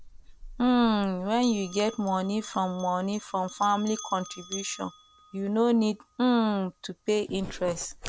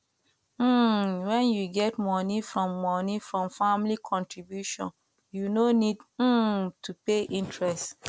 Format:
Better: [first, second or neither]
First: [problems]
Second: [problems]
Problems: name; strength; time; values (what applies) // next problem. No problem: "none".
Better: second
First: background sound (Bell); 18 dB below the speech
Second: none